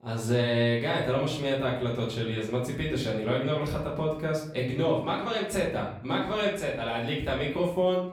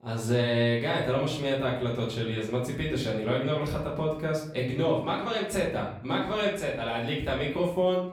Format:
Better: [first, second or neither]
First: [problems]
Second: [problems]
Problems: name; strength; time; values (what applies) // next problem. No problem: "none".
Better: neither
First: off-mic speech; far // room echo; noticeable; dies away in 0.5 s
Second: off-mic speech; far // room echo; noticeable; dies away in 0.5 s